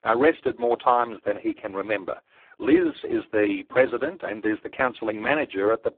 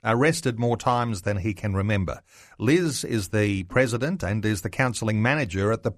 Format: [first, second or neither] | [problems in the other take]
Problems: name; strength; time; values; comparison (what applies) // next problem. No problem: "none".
second | phone-call audio; poor line; nothing above 3.5 kHz